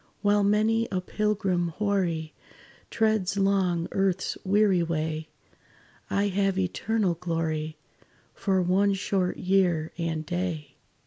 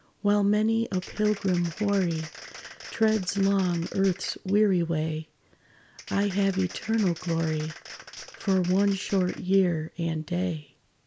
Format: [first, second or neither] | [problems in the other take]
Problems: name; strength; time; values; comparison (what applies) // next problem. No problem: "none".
first | background sound (Applause); 17 dB below the speech